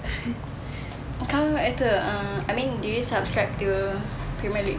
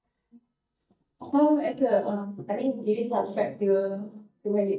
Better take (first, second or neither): first